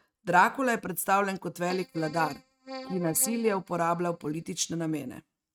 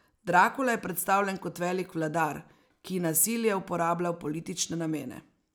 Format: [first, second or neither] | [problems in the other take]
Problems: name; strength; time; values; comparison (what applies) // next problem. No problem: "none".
second | noise reduction (neural mask model RNNoise)